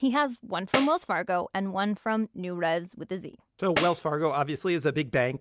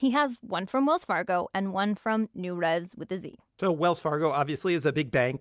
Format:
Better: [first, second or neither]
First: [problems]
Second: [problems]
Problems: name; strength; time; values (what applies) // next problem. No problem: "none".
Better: second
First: background sound (Tambourine); 8 dB below the speech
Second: none